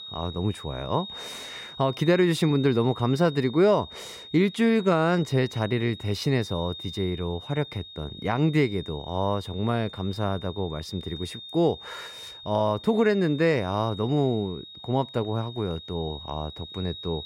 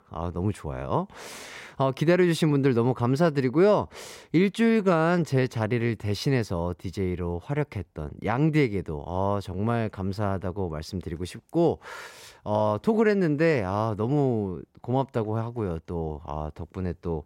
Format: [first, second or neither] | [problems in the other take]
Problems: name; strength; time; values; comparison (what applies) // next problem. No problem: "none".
second | high-pitched whine; noticeable; throughout; 3.5 kHz, 15 dB below the speech